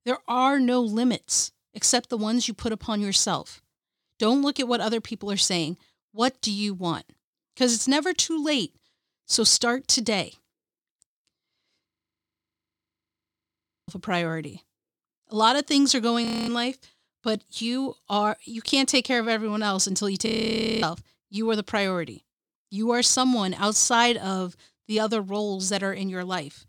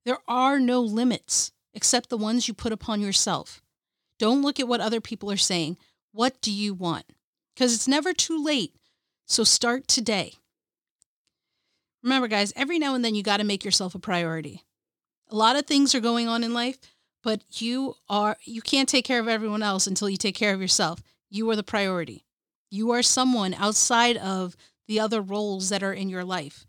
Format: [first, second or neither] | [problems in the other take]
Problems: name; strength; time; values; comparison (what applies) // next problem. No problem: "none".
second | audio freezing; at 12 s for 2 s, at 16 s and at 20 s for 0.5 s